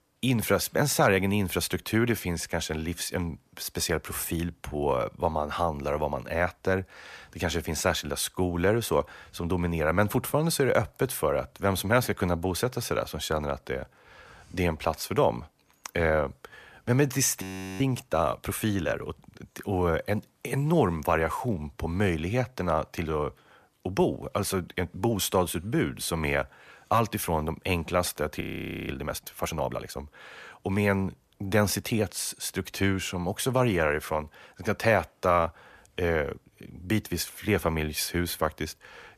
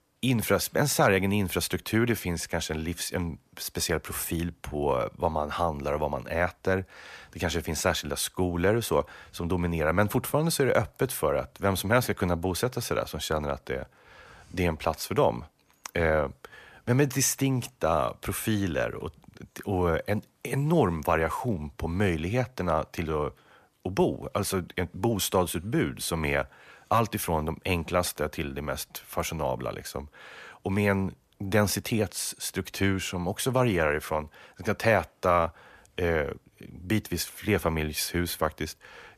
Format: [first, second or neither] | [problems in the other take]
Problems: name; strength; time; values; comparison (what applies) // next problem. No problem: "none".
second | audio freezing; at 17 s and at 28 s